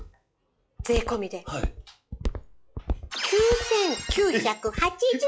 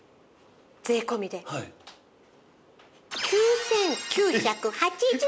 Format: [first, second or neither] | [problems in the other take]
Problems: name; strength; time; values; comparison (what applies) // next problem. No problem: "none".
second | noise reduction (classical method log-MMSE)